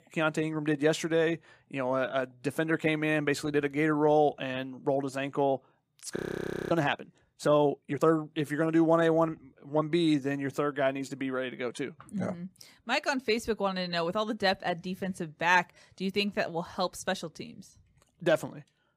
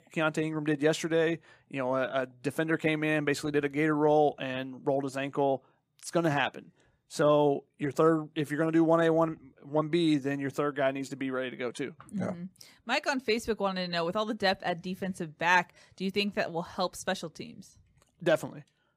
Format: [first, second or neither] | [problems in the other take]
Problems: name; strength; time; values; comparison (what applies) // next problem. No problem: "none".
second | audio freezing; at 6 s for 0.5 s